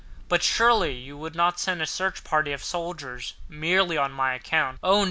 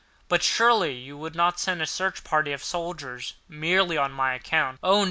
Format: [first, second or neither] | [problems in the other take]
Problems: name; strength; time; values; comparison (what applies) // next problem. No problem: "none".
second | background sound (Thunder / Rain); 16 dB below the speech